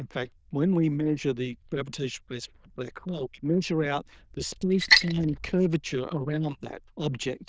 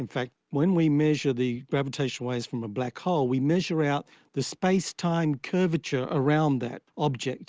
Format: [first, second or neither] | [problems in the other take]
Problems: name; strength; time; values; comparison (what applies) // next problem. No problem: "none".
second | noise reduction (neural diffusion model UNIVERSE++)